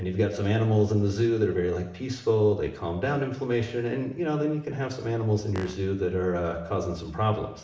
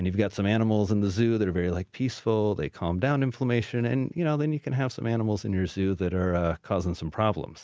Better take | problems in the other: second | background sound (Fart); 14 dB below the speech // room echo; dies away in 0.7 s

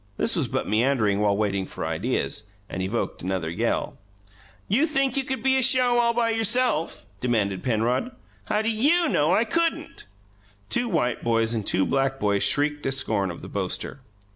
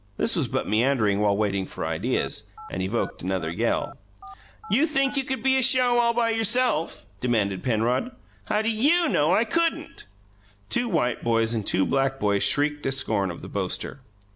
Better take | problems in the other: first | background sound (Telephone); 18 dB below the speech

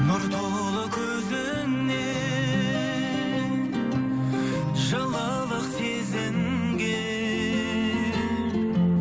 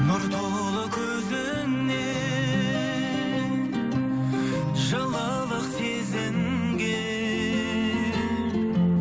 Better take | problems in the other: second | background sound (Acoustic guitar / Strum); 18 dB below the speech

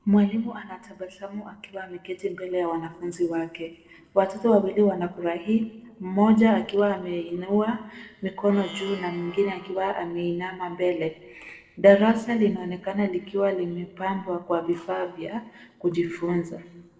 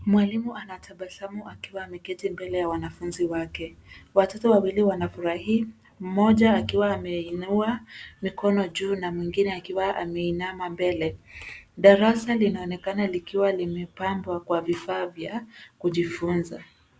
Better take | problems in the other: second | noise reduction (neural separator model SepFormer DNS4)

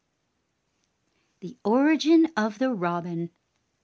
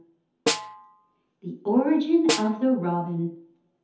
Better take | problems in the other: first | background sound (Snare drum); 6 dB below the speech // room echo; dies away in 0.5 s

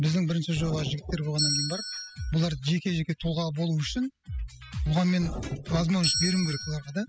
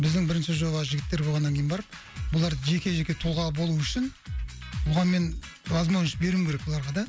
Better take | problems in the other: second | noise reduction (classical method spectral subtraction)

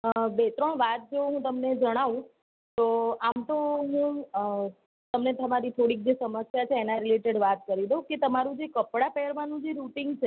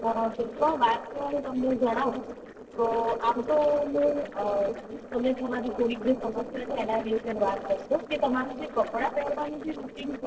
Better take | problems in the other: first | noise reduction (neural separator model SepFormer DNS4)

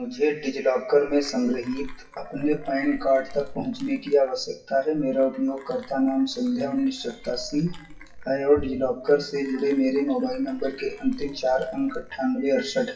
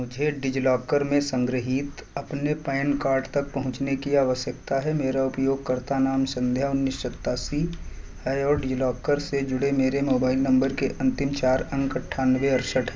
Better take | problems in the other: second | noise reduction (classical method WPE with log-MMSE)

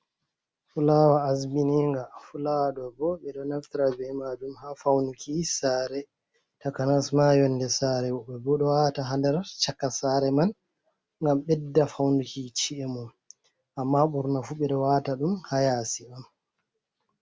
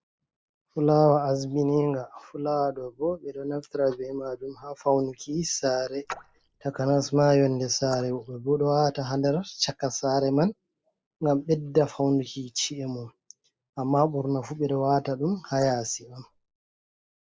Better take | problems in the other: first | noise reduction (neural mask model Resemble Enhance denoiser)

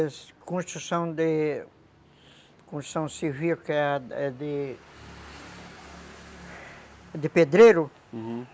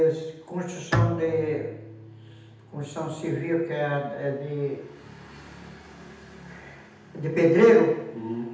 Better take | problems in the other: first | background sound (Bowed string instrument); 6 dB below the speech // room echo; dies away in 0.8 s

